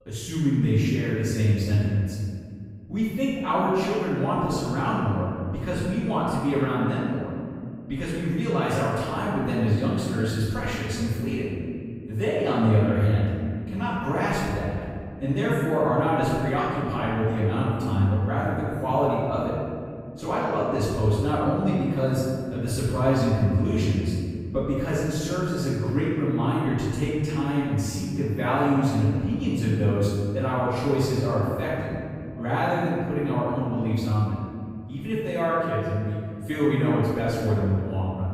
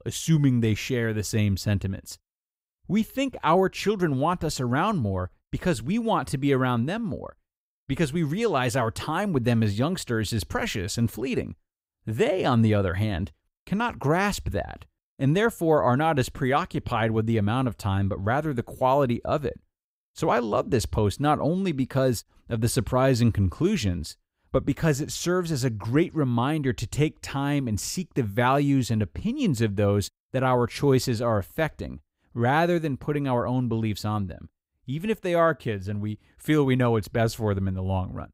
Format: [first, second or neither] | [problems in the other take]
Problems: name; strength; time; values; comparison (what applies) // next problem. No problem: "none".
second | off-mic speech; far // room echo; strong; dies away in 2.1 s